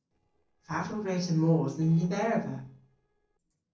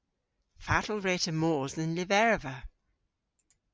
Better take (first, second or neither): second